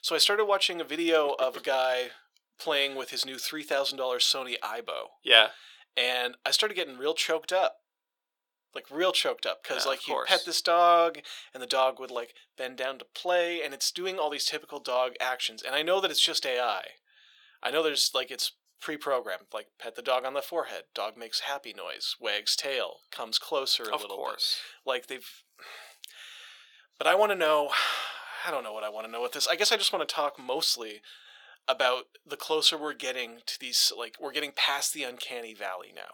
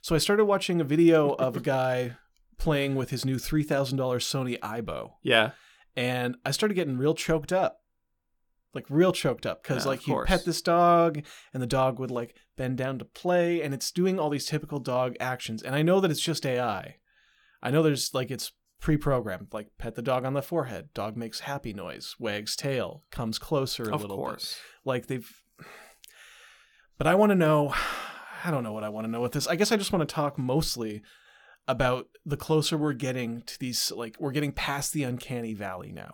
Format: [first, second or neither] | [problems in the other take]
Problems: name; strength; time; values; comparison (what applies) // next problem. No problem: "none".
second | thin; very; fading below 500 Hz